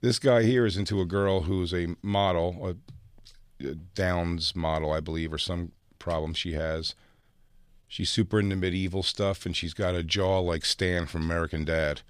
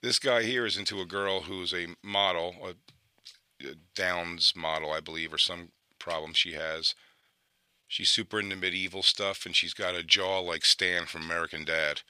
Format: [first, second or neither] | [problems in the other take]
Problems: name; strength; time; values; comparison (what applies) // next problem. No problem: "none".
first | thin; somewhat; fading below 1 kHz